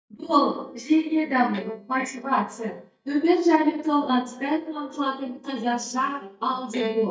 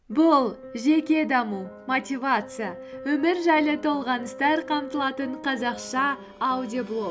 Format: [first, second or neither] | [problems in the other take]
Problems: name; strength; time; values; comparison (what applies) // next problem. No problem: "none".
second | noise reduction (neural mask model DeepFilterNet 3)